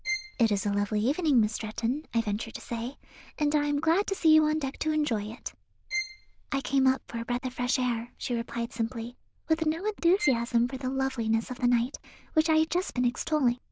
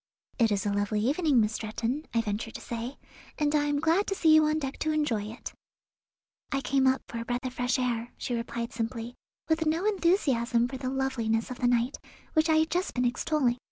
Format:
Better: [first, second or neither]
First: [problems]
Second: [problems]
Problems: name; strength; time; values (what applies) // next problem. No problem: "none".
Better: second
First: noise reduction (neural diffusion model UNIVERSE++)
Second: none